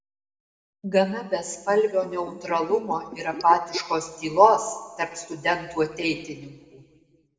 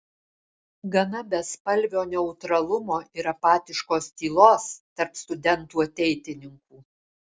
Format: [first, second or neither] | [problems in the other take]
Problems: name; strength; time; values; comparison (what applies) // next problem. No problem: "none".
second | background sound (Bathtub (filling or washing)); 16 dB below the speech // room echo; dies away in 1.1 s